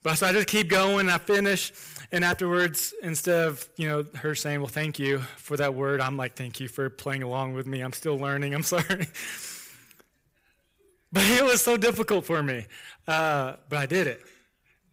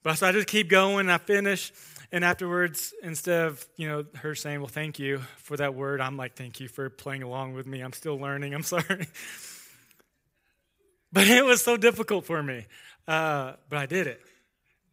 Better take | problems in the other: second | distortion; heavy; 6 dB below the speech

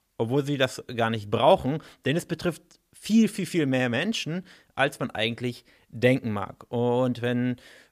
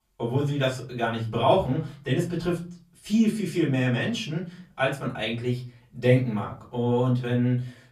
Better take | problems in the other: first | off-mic speech; far // room echo; slight; dies away in 0.4 s

